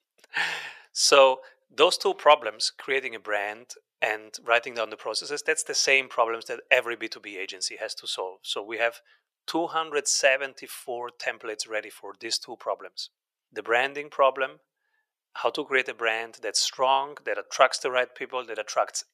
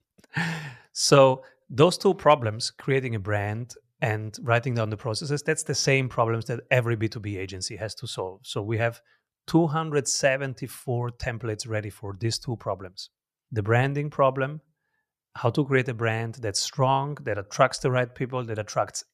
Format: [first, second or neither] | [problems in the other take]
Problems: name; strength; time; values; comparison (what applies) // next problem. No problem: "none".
second | thin; very; fading below 450 Hz